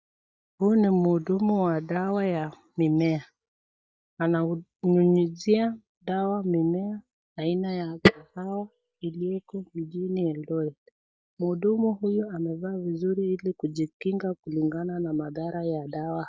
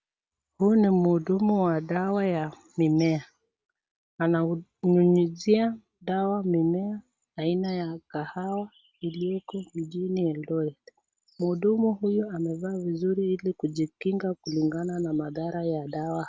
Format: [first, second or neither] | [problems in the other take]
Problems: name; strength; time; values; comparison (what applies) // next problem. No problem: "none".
second | noise reduction (neural mask model DeepFilterNet 3)